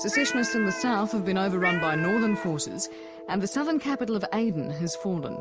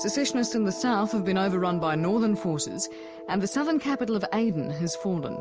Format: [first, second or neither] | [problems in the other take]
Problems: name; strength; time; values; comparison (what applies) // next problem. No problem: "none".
second | background sound (Cat); 6 dB below the speech